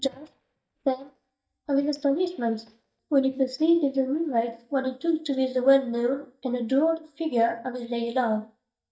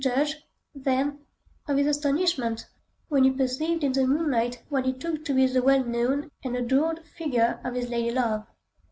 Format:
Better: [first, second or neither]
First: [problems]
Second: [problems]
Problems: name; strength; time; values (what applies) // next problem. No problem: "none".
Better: second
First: noise reduction (neural mask model DeepFilterNet 3)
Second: none